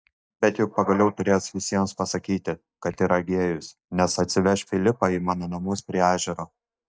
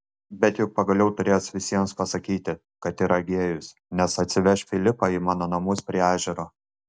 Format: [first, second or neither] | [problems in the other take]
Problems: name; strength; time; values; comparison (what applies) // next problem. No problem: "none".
second | noise reduction (neural mask model DeepFilterNet 3)